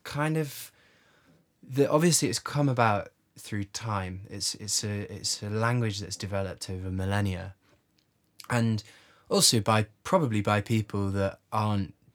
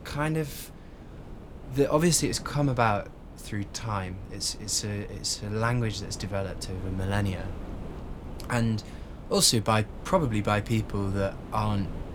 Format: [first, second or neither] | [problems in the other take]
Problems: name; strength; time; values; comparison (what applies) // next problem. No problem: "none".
first | wind noise on the microphone; occasional gusts; 20 dB below the speech